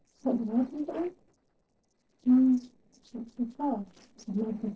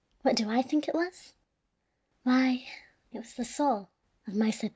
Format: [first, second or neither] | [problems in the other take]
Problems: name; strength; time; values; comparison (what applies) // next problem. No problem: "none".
second | noise reduction (neural separator model SepFormer DNS4)